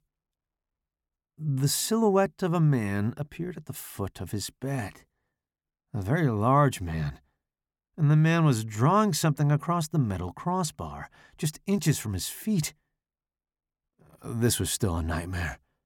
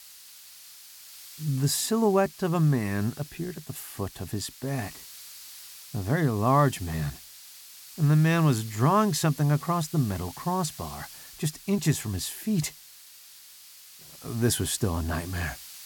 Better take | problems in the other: first | hiss; noticeable; throughout; 15 dB below the speech

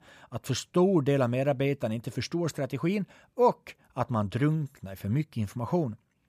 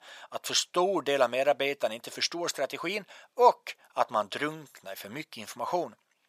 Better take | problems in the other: first | thin; very; fading below 650 Hz

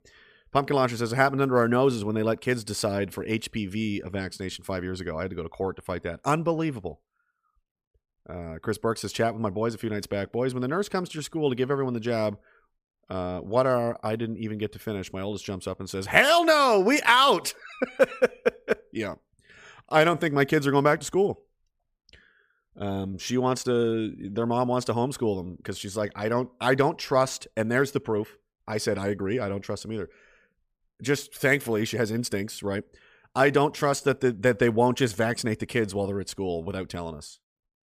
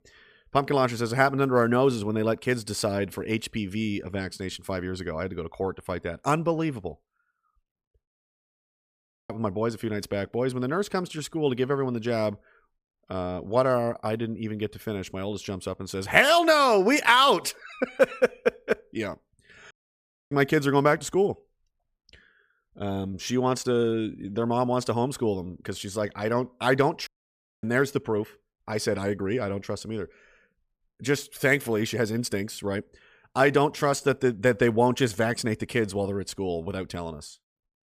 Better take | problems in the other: first | audio cutting out; at 8 s for 1 s, at 20 s for 0.5 s and at 27 s for 0.5 s

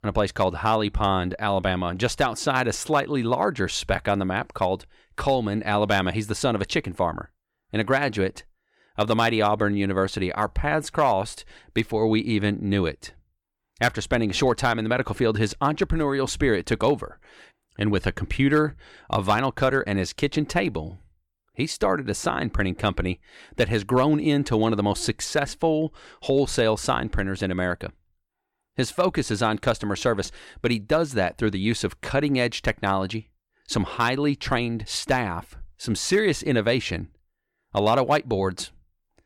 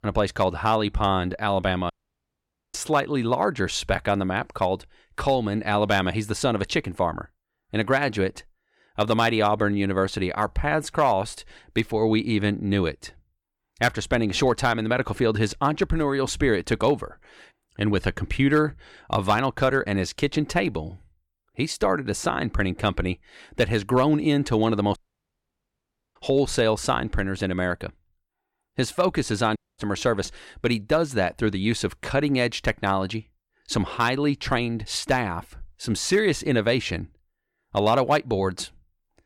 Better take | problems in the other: first | audio cutting out; at 2 s for 1 s, at 25 s for 1 s and at 30 s

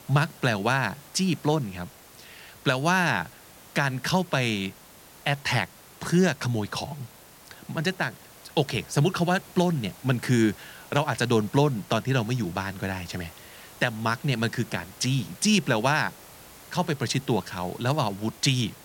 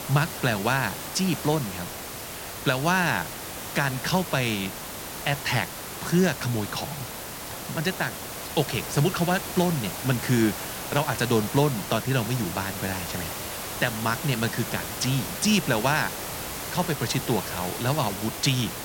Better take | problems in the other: first | hiss; loud; throughout; 6 dB below the speech; faint in the first

